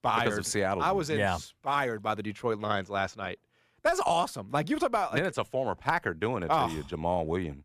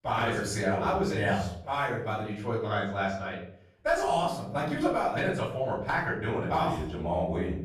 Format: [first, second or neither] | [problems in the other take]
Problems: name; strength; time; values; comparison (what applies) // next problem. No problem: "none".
first | off-mic speech; far // room echo; noticeable; dies away in 0.6 s